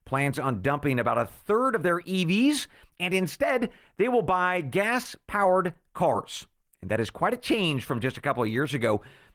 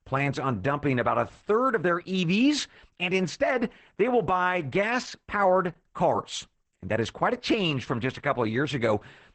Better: first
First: garbled, watery; slightly; nothing above 18.5 kHz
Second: garbled, watery; badly; nothing above 8 kHz

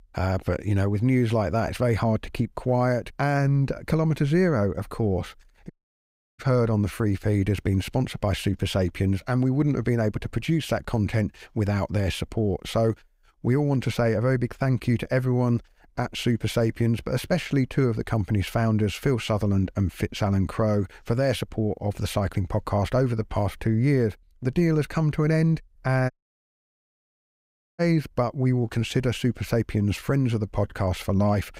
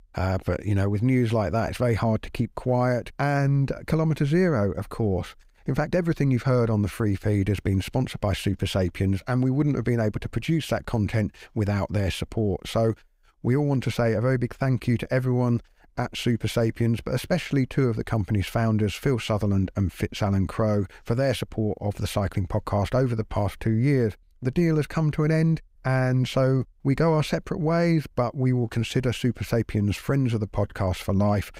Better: second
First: audio cutting out; at 5.5 s for 0.5 s and at 26 s for 1.5 s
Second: none

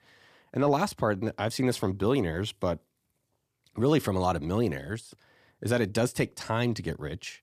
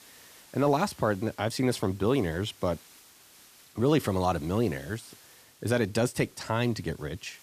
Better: first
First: none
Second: hiss; faint; throughout; 25 dB below the speech

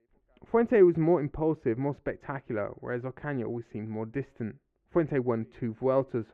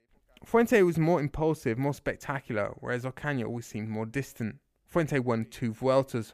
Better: second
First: muffled; very; fading above 1.5 kHz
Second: none

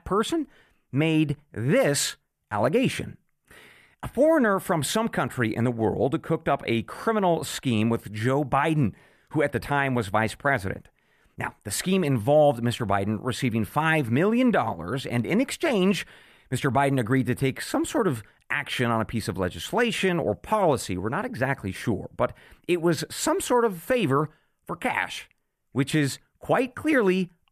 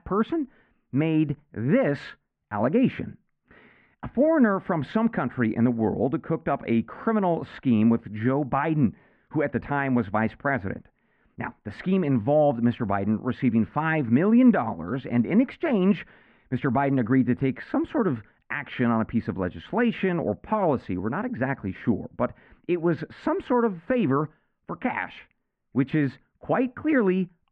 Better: first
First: none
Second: muffled; very; fading above 2 kHz

